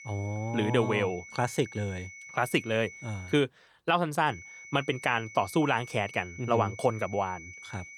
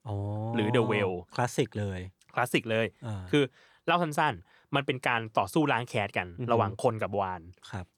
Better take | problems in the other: second | high-pitched whine; noticeable; until 3.5 s and from 4.5 s on; 2 kHz, 15 dB below the speech

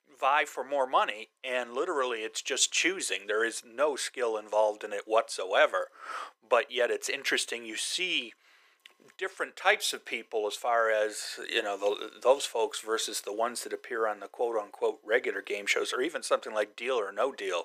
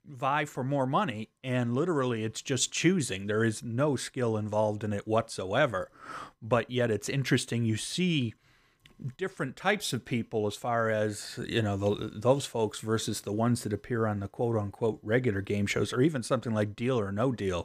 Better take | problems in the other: second | thin; very; fading below 450 Hz

